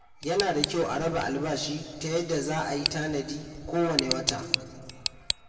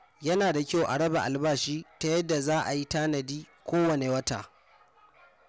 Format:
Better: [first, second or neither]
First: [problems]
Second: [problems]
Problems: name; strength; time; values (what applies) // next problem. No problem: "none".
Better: second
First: background sound (Tick); 6 dB below the speech // room echo; dies away in 1.9 s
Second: none